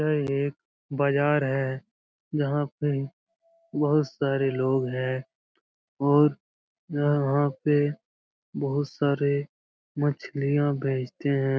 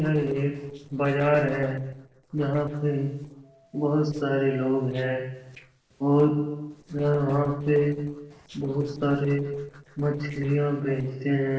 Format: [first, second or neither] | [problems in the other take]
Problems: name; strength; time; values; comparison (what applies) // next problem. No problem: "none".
first | noise reduction (neural separator model SepFormer DNS4)